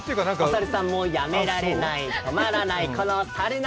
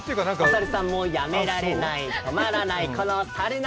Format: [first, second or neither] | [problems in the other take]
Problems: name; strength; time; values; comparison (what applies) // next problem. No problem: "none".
first | background sound (Marimba, xylophone); 7 dB below the speech